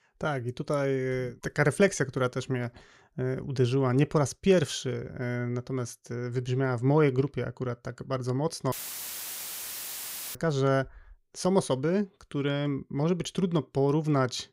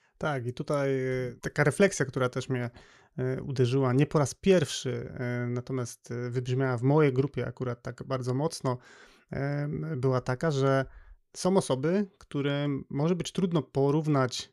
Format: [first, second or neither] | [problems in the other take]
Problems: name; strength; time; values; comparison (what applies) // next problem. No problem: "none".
second | audio cutting out; filled with static; at 8.5 s for 1.5 s